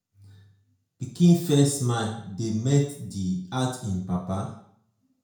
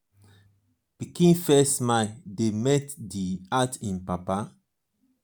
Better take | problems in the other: second | room echo; dies away in 0.5 s

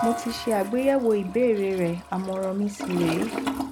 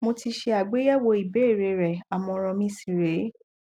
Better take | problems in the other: second | background sound (Piano + Toilet flush); 8 dB below the speech

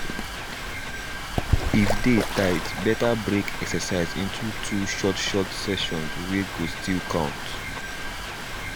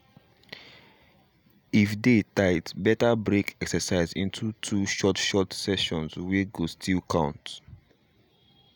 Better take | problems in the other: second | background sound (Bird / Fowl + Mechanisms); 2 dB below the speech

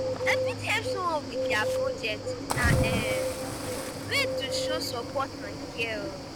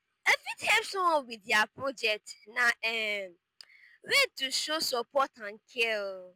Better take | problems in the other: second | background sound (Bird + Cricket / Waves, surf); 3 dB above the speech

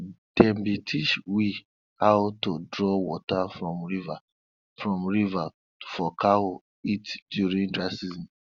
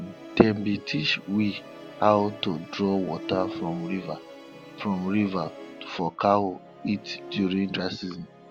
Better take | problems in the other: first | background sound (Musical instrument); 14 dB below the speech

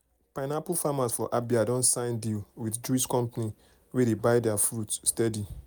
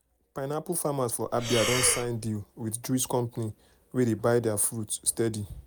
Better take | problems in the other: first | background sound (Breathing); 3 dB below the speech

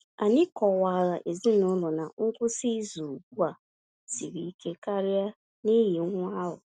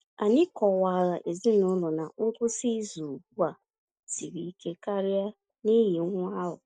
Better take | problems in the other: first | noise reduction (neural mask model DeepFilterNet 3)

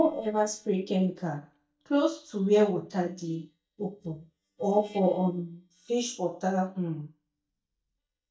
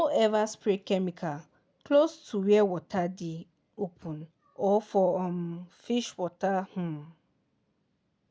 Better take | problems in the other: second | noise reduction (neural mask model DeepFilterNet 3)

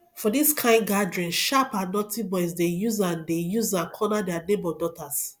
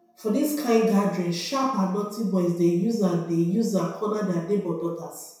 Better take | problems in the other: first | room echo; dies away in 0.7 s

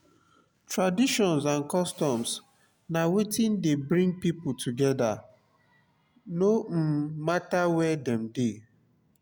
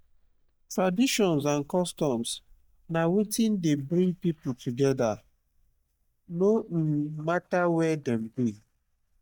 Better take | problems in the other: first | noise reduction (neural mask model DeepFilterNet 3)

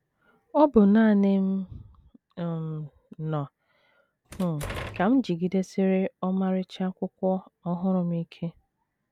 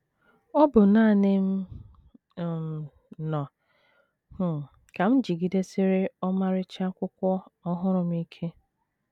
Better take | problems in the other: second | background sound (Door); 13 dB below the speech

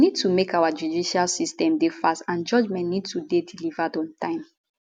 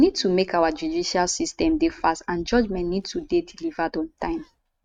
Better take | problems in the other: first | noise reduction (neural mask model RNNoise)

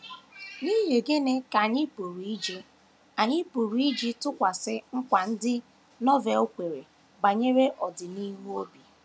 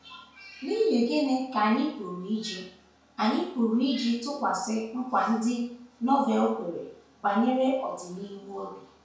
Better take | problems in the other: first | room echo; dies away in 0.5 s

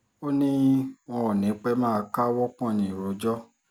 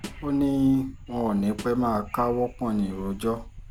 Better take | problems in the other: first | background sound (Subway, metro, underground / Wind + Snare drum); 15 dB below the speech

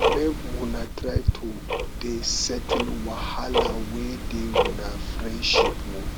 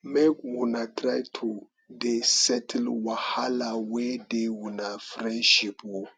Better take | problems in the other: second | background sound (Tick-tock); 4 dB above the speech

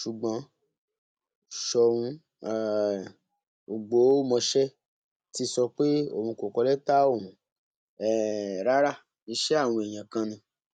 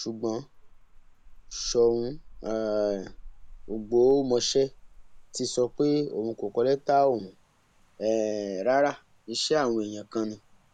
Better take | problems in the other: first | background sound (Rain); 20 dB below the speech

